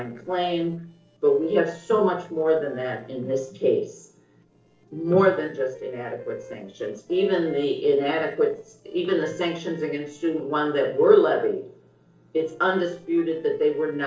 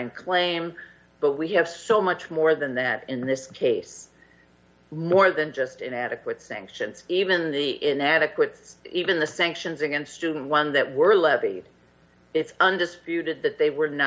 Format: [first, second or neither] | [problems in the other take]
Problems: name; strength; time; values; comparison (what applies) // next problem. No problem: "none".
second | noise reduction (neural separator model SepFormer DNS4)